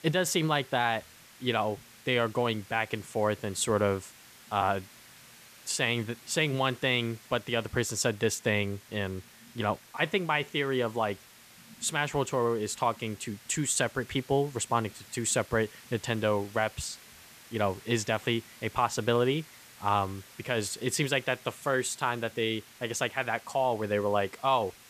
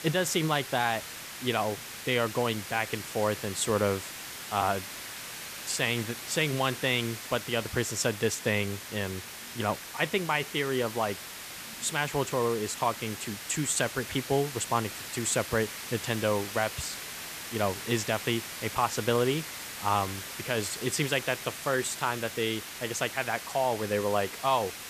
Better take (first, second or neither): first